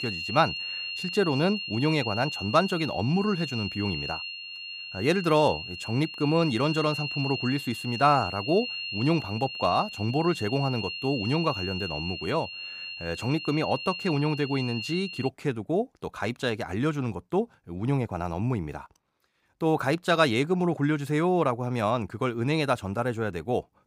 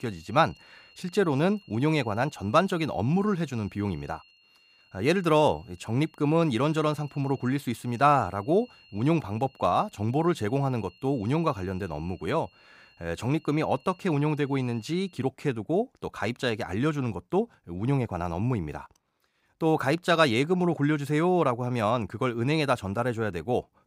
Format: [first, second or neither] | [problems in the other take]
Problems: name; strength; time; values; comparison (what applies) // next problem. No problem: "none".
second | high-pitched whine; loud; until 15 s; 3 kHz, 6 dB below the speech; faint in the second